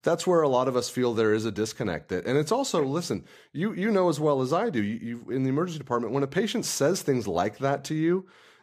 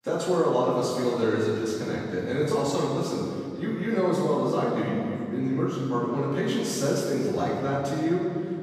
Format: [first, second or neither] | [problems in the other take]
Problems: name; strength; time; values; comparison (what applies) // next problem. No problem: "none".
first | off-mic speech; far // room echo; strong; dies away in 2.3 s